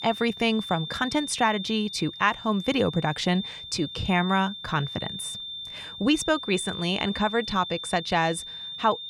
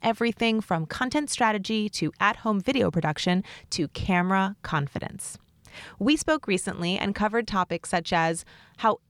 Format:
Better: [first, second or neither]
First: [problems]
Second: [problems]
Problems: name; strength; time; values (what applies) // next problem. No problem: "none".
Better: second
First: high-pitched whine; loud; throughout; 3.5 kHz, 9 dB below the speech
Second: none